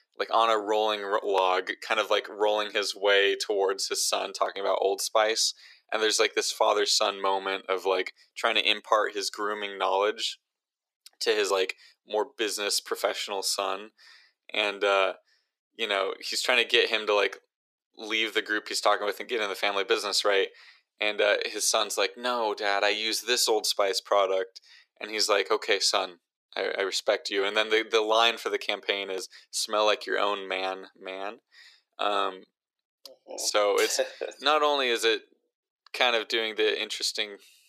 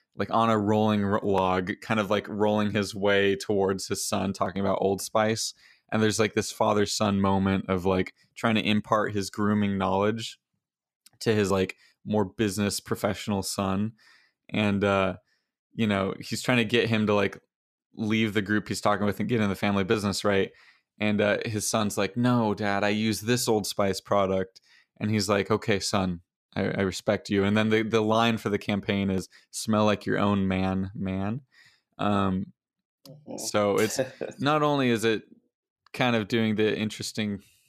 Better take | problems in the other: second | thin; very; fading below 400 Hz

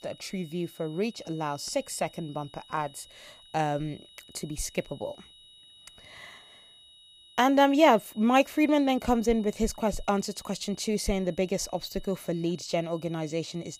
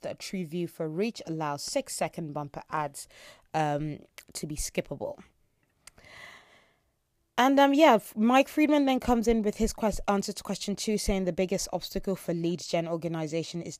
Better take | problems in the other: second | high-pitched whine; faint; throughout; 4 kHz, 25 dB below the speech

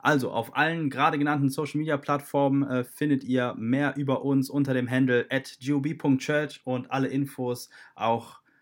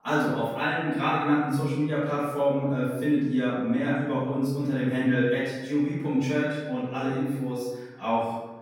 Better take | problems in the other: first | off-mic speech; far // room echo; strong; dies away in 1 s

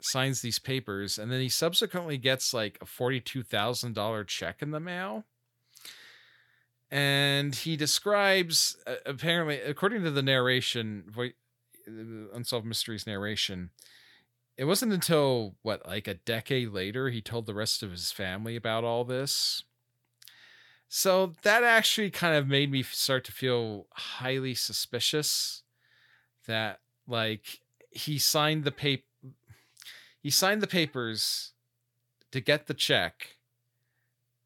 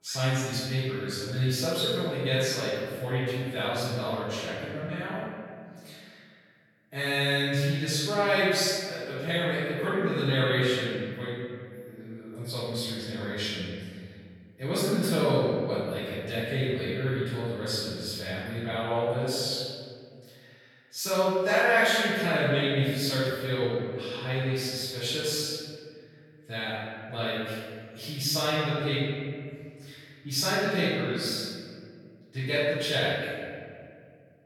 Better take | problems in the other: first | off-mic speech; far // room echo; strong; dies away in 2 s

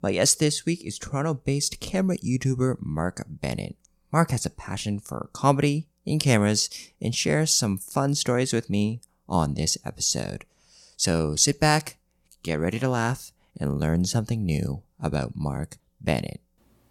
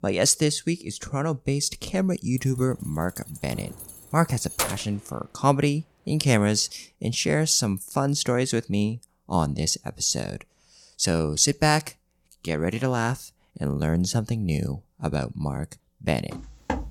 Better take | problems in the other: first | jangling keys; noticeable; from 2.5 to 5 s; peak 2 dB below the speech // footsteps; noticeable; at 16 s; peak 7 dB below the speech

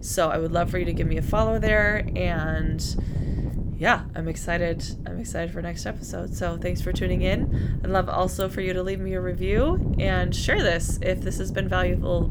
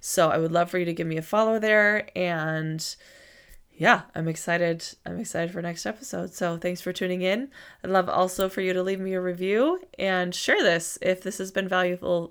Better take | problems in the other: second | wind noise on the microphone; occasional gusts; 15 dB below the speech

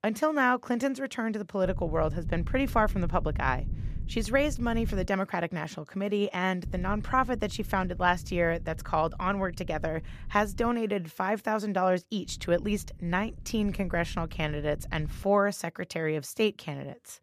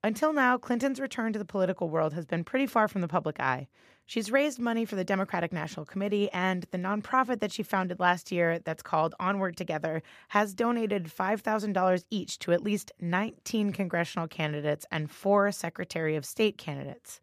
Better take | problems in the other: second | low rumble; faint; from 1.5 to 5 s, from 6.5 to 11 s and from 12 to 15 s; 25 dB below the speech

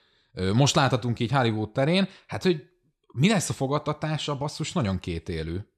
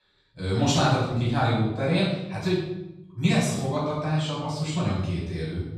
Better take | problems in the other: first | off-mic speech; far // room echo; noticeable; dies away in 0.8 s

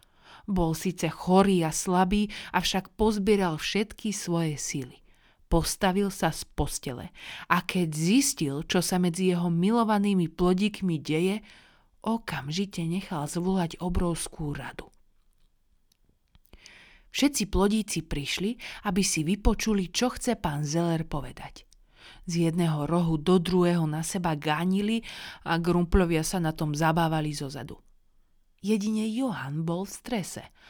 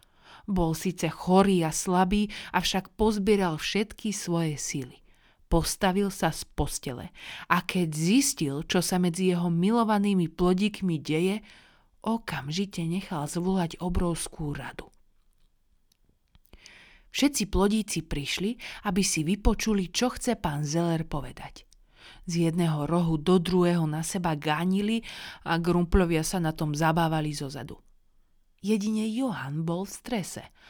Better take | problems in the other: neither | none

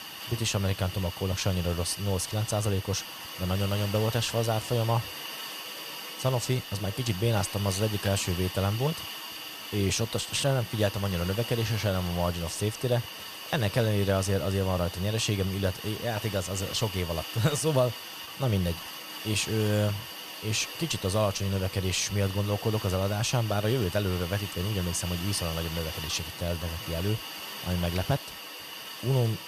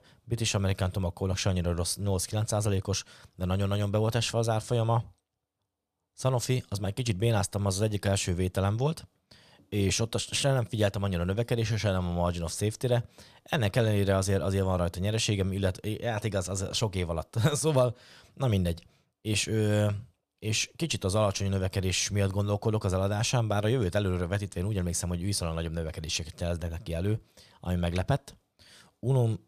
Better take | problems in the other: second | hiss; loud; throughout; 8 dB below the speech

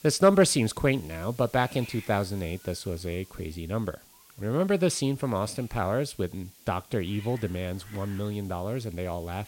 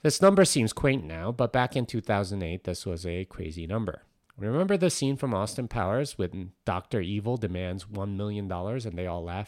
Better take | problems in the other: second | hiss; faint; throughout; 20 dB below the speech

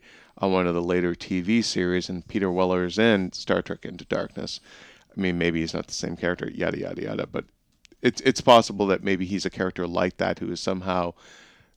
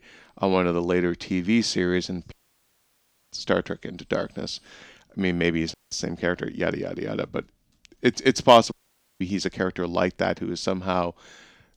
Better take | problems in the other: first | audio cutting out; at 2.5 s for 1 s, at 5.5 s and at 8.5 s

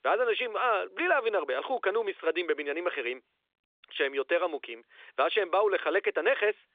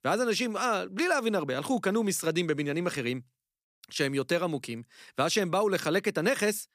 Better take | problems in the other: second | phone-call audio; nothing above 3.5 kHz

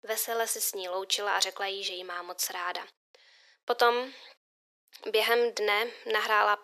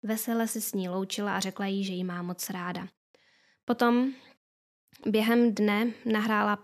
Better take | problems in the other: second | thin; very; fading below 450 Hz

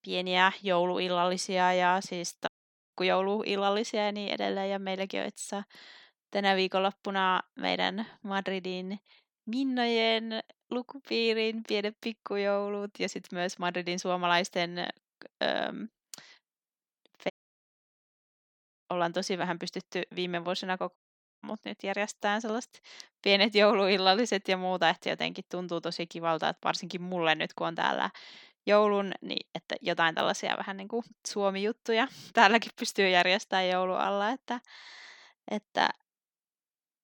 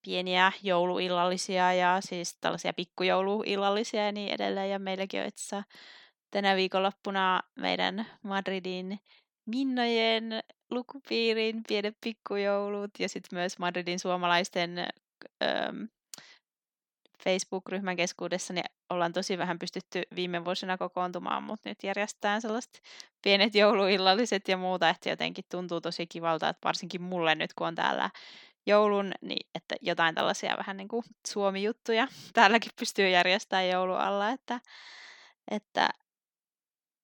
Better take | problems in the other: second | audio cutting out; at 2.5 s, at 17 s for 1.5 s and at 21 s

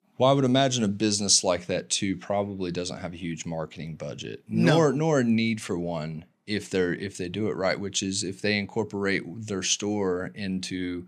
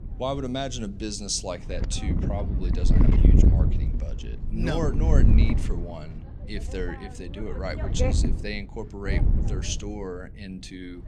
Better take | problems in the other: first | wind noise on the microphone; heavy; 3 dB below the speech

